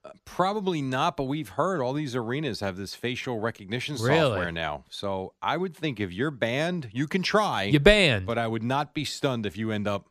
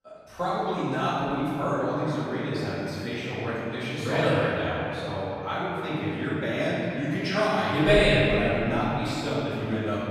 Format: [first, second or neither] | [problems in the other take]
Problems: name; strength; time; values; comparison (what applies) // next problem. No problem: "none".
first | off-mic speech; far // room echo; strong; dies away in 2.7 s